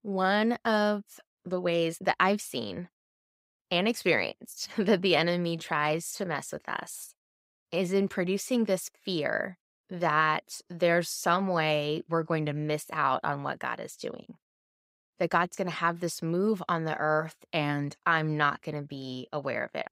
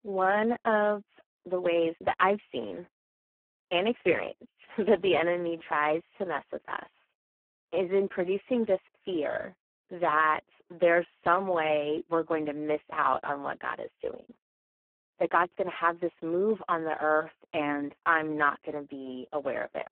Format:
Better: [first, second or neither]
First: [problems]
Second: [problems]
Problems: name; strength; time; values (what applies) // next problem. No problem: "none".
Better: first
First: none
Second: phone-call audio; poor line